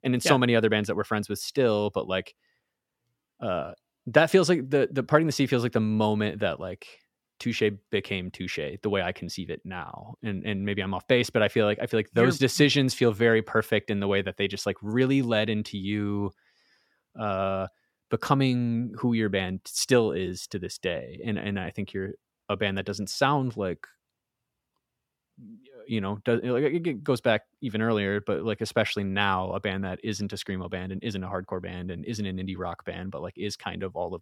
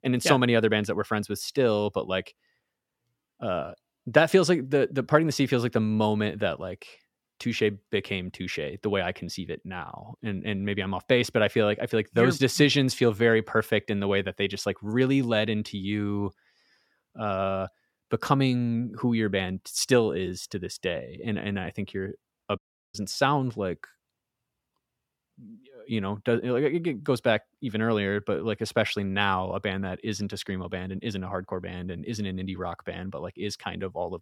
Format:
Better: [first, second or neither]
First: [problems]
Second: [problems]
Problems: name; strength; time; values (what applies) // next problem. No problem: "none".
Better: first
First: none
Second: audio cutting out; at 23 s